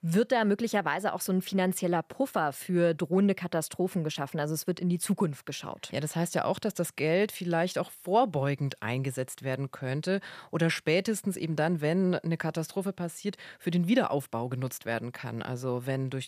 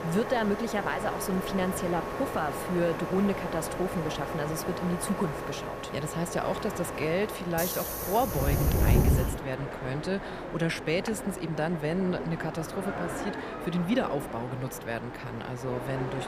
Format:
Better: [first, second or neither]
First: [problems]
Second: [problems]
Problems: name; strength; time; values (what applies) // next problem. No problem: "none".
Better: first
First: none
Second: train or aircraft noise; loud; throughout; 2 dB below the speech